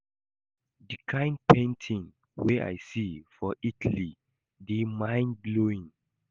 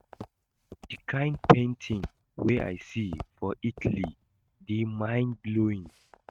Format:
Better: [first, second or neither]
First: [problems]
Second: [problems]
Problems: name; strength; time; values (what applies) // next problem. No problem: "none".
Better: first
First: none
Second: noise reduction (neural mask model RNNoise)